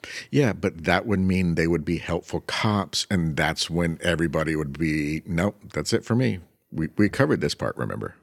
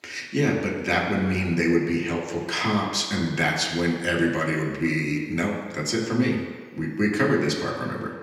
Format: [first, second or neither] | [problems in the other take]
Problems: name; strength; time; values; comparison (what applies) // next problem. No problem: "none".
first | room echo; noticeable; dies away in 1.3 s // off-mic speech; somewhat distant